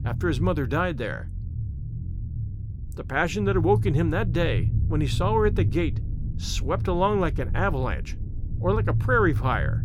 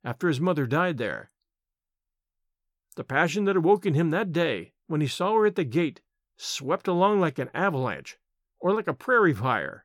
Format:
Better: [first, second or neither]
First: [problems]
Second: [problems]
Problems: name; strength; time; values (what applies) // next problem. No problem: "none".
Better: second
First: low rumble; noticeable; throughout; 15 dB below the speech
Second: none